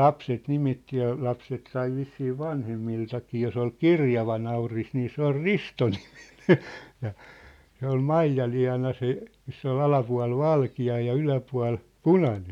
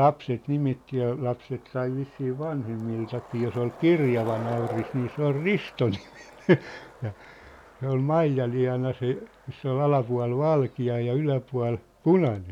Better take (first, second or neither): first